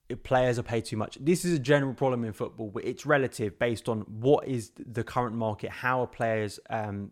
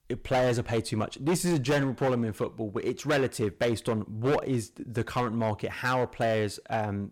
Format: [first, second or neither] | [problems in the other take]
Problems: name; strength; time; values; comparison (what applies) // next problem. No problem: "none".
first | distortion; heavy; 9% of the sound clipped